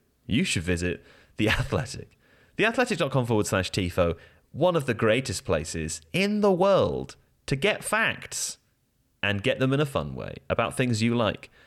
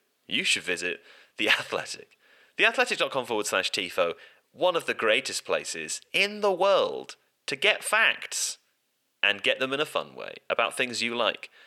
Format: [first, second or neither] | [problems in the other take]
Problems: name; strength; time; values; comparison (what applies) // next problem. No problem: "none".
first | thin; somewhat; fading below 450 Hz